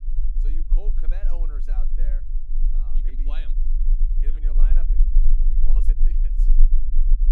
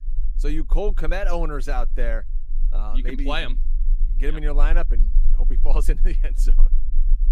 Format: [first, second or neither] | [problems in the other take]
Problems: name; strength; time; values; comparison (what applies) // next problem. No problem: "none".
second | low rumble; loud; throughout; 3 dB below the speech; faint in the second